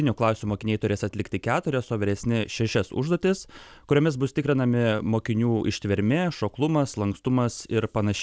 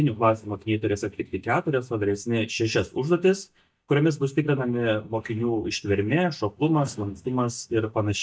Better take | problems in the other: first | noise reduction (neural mask model DeepFilterNet 3)

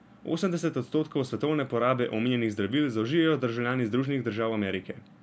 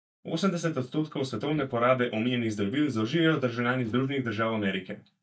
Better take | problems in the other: first | noise reduction (neural mask model DeepFilterNet 3)

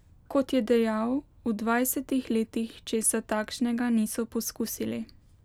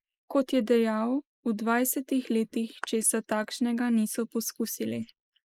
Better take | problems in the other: first | noise reduction (neural mask model Resemble Enhance denoiser)

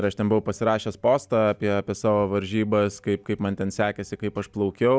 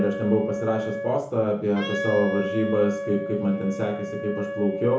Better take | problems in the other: first | background sound (Wind instrument, woodwind instrument); 7 dB below the speech // room echo; dies away in 0.7 s

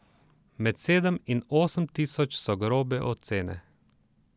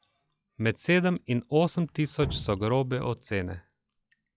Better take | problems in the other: first | noise reduction (classical method log-MMSE)

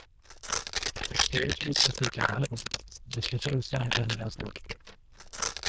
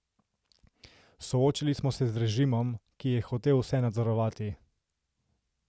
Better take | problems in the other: second | noise reduction (neural diffusion model UNIVERSE++)

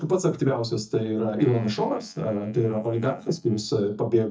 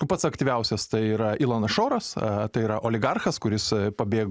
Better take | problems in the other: second | noise reduction (neural mask model DeepFilterNet 3)

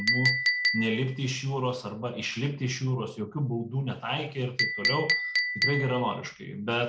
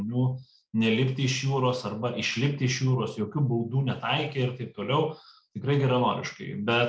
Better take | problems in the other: second | background sound (Chink, clink); 1 dB below the speech

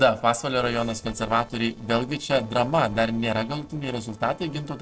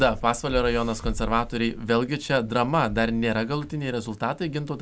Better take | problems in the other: second | noise reduction (neural separator model SepFormer DNS4)

